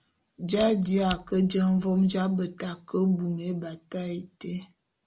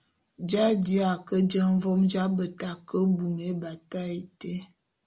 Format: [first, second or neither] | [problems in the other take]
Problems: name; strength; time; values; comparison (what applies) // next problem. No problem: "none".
second | background sound (Fire); 18 dB below the speech